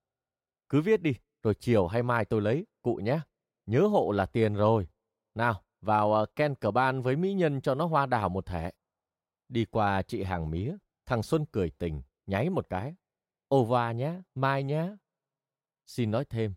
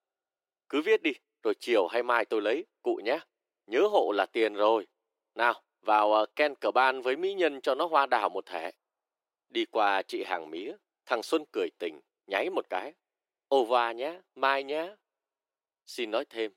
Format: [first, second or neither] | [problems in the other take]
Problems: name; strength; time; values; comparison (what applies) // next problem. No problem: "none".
first | thin; very; fading below 300 Hz